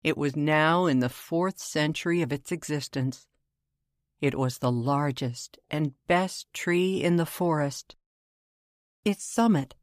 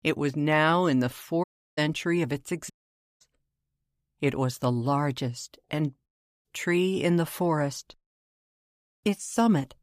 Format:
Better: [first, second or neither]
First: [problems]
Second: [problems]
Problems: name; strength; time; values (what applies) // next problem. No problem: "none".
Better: first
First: none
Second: audio cutting out; at 1.5 s, at 2.5 s for 0.5 s and at 6 s